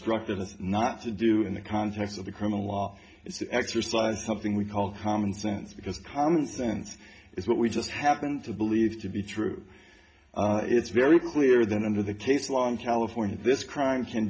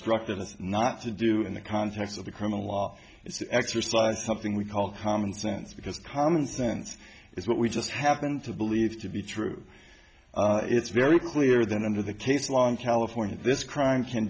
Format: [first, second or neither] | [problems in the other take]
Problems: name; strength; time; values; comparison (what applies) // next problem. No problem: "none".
second | room echo; dies away in 0.3 s